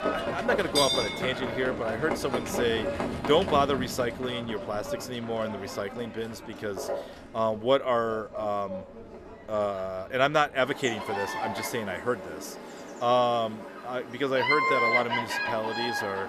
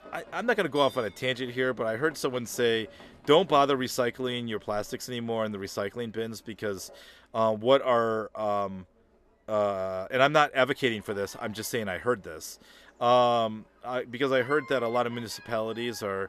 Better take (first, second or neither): second